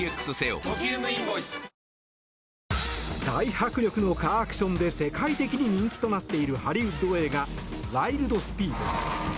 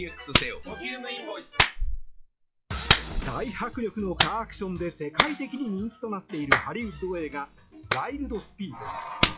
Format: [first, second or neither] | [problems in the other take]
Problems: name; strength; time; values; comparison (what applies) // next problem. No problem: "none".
first | noise reduction (classical method log-MMSE)